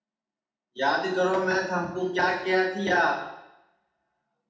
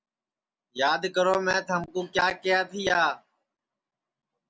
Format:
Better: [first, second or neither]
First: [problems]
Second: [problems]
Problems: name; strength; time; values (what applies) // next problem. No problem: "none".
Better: second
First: room echo; dies away in 0.8 s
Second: none